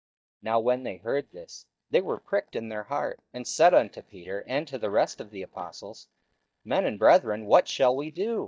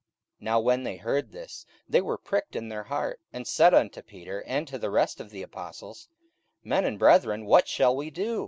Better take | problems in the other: second | noise reduction (neural mask model DeepFilterNet 3)

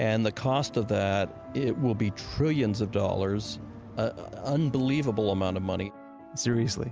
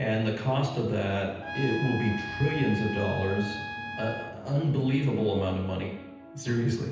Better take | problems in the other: first | background sound (Trumpet); 9 dB below the speech // room echo; dies away in 0.9 s

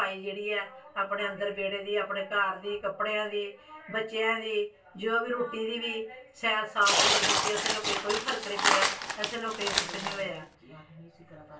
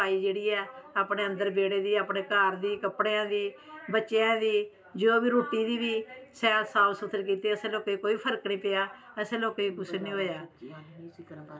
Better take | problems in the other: second | background sound (Tearing); 3 dB above the speech // room echo; dies away in 0.2 s

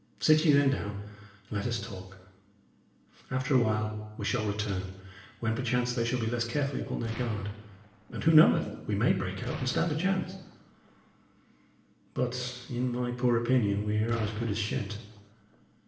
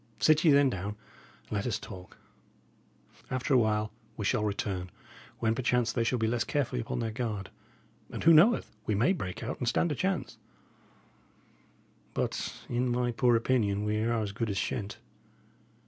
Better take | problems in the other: second | background sound (Explosion); 17 dB below the speech // room echo; dies away in 0.9 s

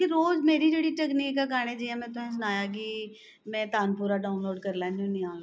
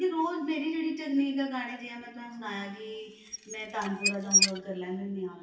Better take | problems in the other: first | background sound (Squeak / Dishes, pots, and pans); 3 dB above the speech // room echo; dies away in 1 s

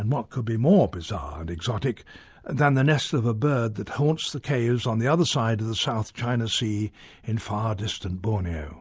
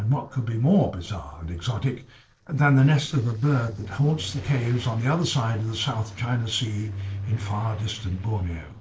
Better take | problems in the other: first | noise reduction (neural separator model SepFormer DNS4)

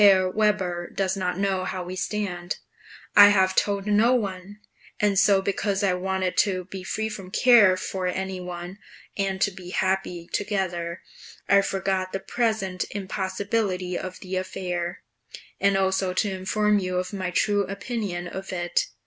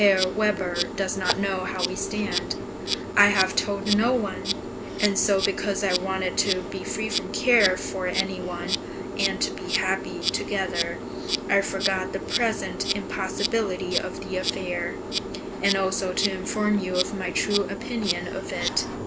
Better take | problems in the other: first | background sound (Insect); 3 dB below the speech

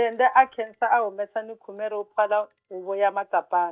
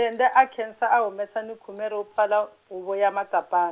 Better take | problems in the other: second | noise reduction (neural mask model DeepFilterNet 3)

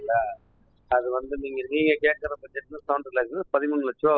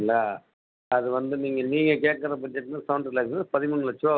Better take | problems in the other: second | noise reduction (classical method spectral subtraction)

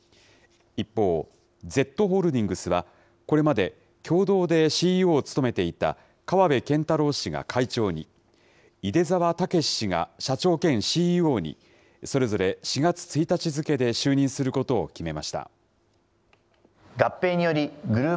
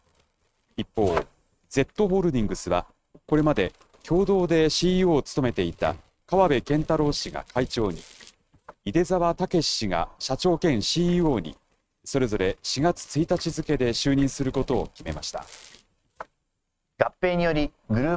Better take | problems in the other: first | noise reduction (neural mask model RNNoise)

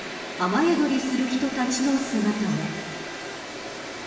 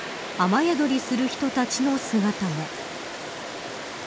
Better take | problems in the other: second | background sound (Bowed string instrument); 18 dB below the speech // room echo; dies away in 1.2 s

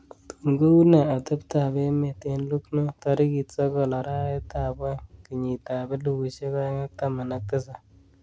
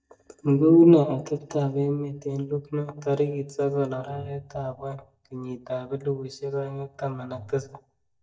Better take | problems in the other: first | noise reduction (neural mask model DeepFilterNet 3)

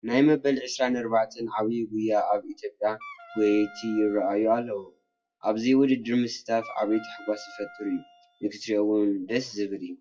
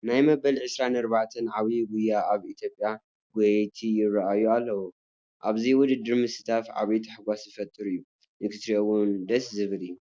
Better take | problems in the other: second | noise reduction (classical method WPE with log-MMSE)

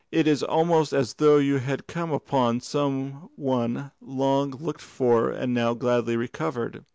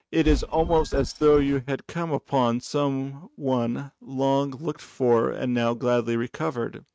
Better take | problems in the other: first | noise reduction (neural mask model RNNoise)

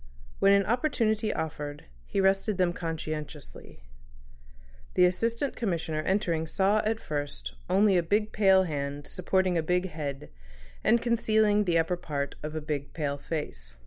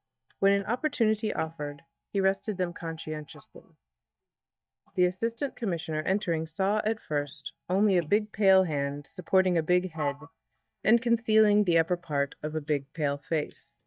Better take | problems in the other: first | noise reduction (neural mask model DeepFilterNet 3)

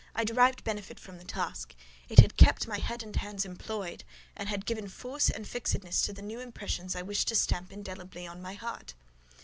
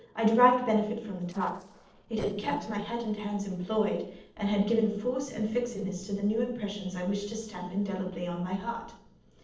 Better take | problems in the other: first | noise reduction (neural separator model SepFormer DNS4)

